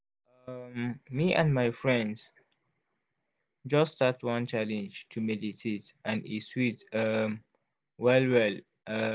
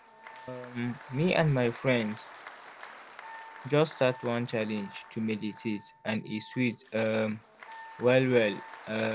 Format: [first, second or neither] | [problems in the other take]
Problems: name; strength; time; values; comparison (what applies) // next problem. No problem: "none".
first | background sound (Wind instrument, woodwind instrument + Applause); 18 dB below the speech